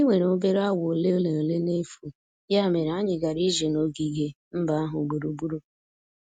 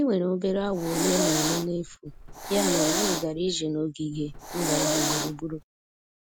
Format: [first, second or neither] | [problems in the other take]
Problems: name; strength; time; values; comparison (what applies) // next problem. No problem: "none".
first | background sound (Hiss); 1 dB below the speech